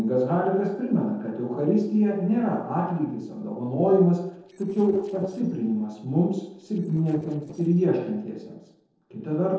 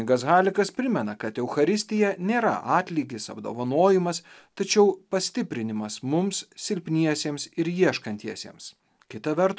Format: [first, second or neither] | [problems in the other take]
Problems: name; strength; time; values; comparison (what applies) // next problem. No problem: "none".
second | noise reduction (neural separator model SepFormer DNS4)